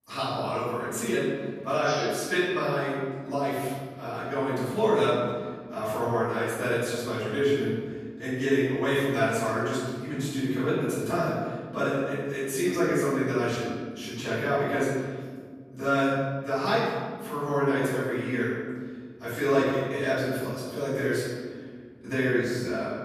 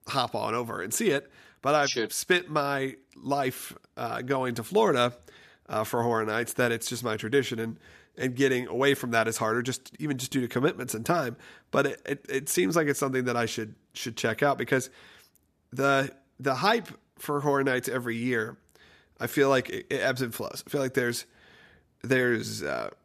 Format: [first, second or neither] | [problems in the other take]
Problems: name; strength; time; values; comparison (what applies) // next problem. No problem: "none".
second | off-mic speech; far // room echo; strong; dies away in 1.8 s